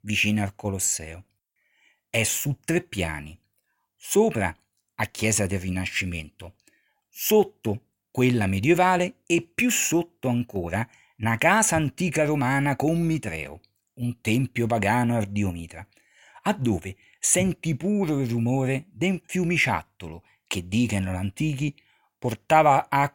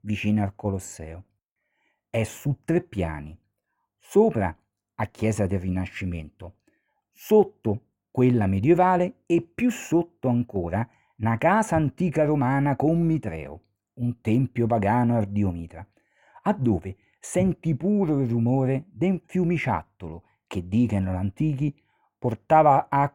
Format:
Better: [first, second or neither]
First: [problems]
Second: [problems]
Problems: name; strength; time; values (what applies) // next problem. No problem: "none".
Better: first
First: none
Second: muffled; very; fading above 2 kHz